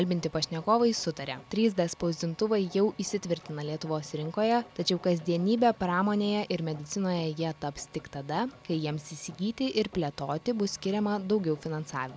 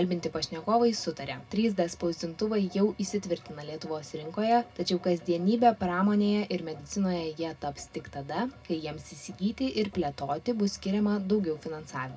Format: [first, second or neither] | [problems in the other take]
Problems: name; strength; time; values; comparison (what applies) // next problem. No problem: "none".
first | room echo; dies away in 0.2 s